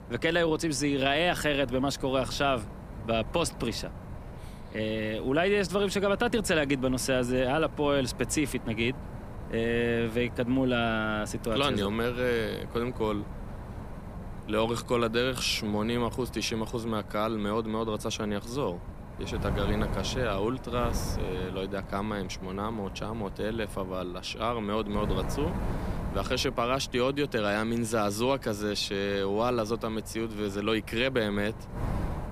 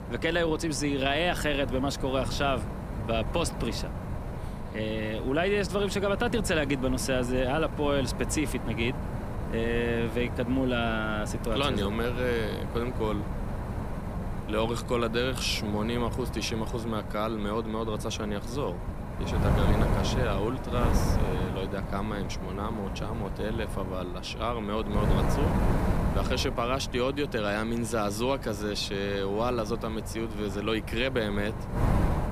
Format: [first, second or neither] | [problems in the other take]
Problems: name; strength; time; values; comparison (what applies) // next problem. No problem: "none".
first | wind noise on the microphone; heavy; 8 dB below the speech; occasional gusts in the first